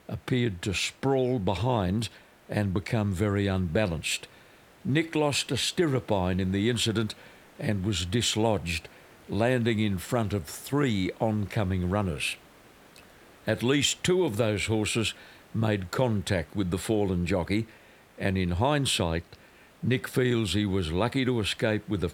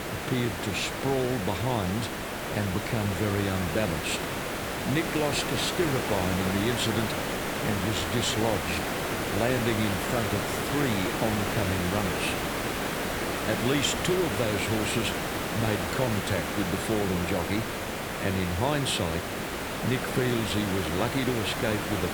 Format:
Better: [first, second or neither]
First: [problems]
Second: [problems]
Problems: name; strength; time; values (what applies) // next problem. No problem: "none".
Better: first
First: hiss; faint; throughout; 25 dB below the speech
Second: hiss; loud; throughout; 1 dB below the speech